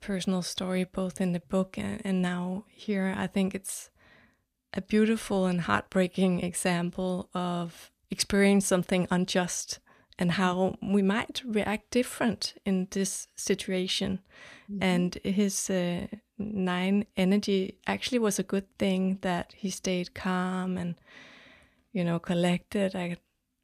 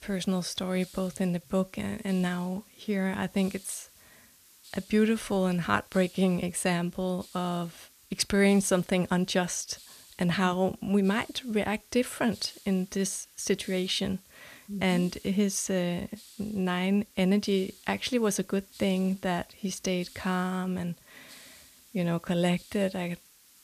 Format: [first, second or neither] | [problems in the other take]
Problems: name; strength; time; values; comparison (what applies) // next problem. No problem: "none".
first | hiss; faint; throughout; 25 dB below the speech